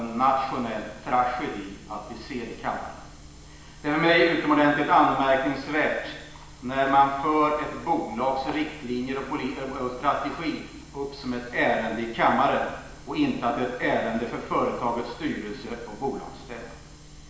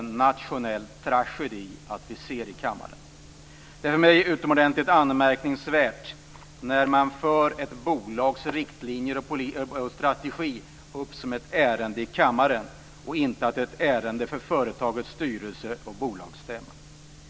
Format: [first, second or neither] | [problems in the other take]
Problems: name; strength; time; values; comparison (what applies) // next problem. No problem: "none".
second | room echo; dies away in 1 s